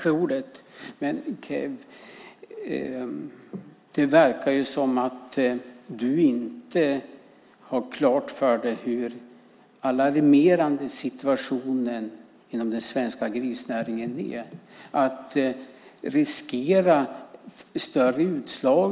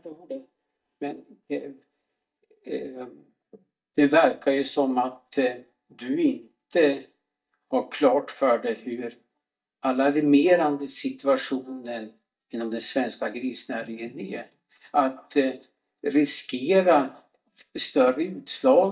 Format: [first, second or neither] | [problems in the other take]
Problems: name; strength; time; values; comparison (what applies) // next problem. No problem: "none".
first | noise reduction (neural mask model DeepFilterNet 3)